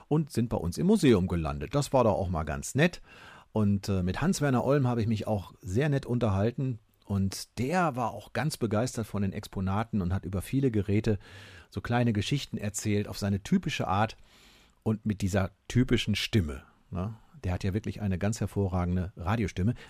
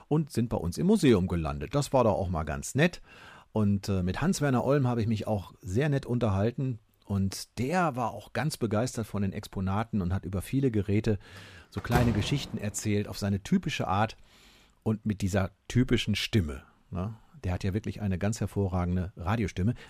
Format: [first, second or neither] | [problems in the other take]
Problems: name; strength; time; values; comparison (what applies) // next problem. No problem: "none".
first | door banging; noticeable; at 12 s; peak 1 dB below the speech